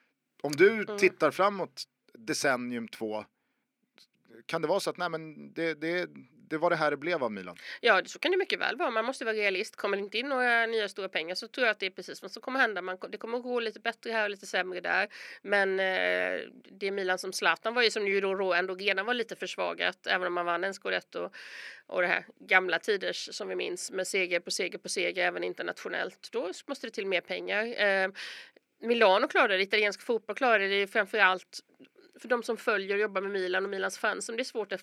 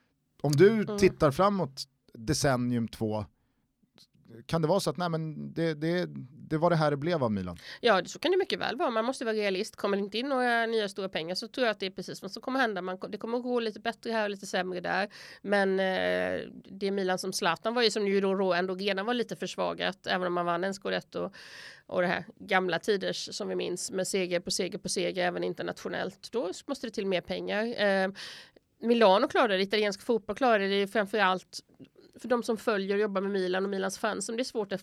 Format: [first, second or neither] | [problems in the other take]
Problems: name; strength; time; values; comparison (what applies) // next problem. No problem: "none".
second | thin; somewhat; fading below 350 Hz